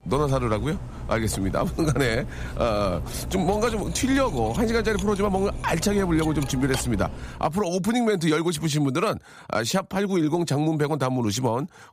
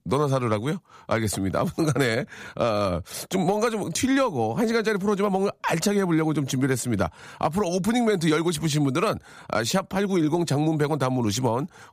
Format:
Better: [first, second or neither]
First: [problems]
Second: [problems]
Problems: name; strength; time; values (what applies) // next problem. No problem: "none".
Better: second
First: clattering dishes; noticeable; until 7.5 s; peak 7 dB below the speech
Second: none